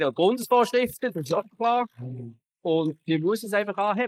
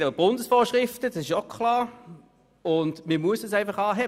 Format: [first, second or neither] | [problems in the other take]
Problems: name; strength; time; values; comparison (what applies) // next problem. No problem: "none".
second | noise reduction (neural mask model Resemble Enhance denoiser)